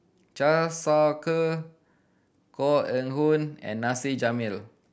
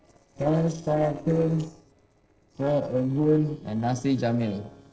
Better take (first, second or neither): first